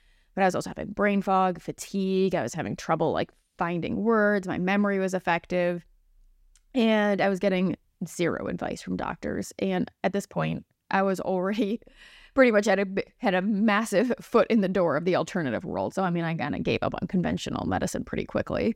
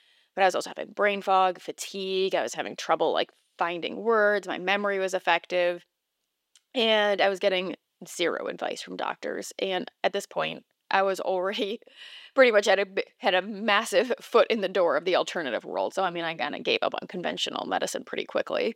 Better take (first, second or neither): first